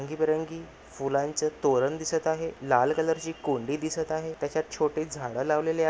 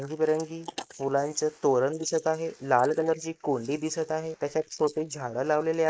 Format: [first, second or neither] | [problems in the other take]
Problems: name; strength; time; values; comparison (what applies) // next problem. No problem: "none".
first | noise reduction (neural mask model Resemble Enhance denoiser)